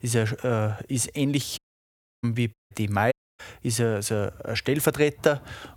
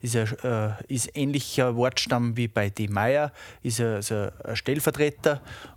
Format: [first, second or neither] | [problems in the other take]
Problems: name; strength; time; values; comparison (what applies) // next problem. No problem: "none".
second | audio cutting out; at 1.5 s for 0.5 s, at 2.5 s and at 3 s